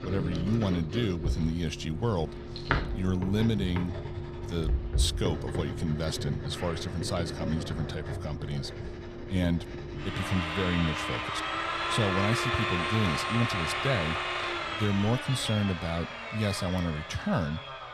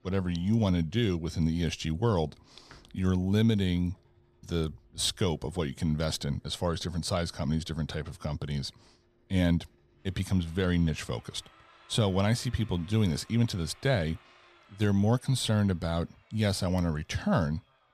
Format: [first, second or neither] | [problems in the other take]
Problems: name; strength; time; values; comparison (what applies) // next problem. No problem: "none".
second | household noises; loud; throughout; 2 dB below the speech; faint in the second